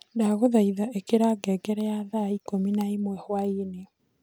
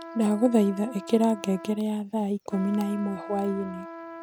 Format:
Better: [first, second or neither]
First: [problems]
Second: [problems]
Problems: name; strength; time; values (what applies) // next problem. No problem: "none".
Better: first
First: none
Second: background sound (Trumpet); 15 dB below the speech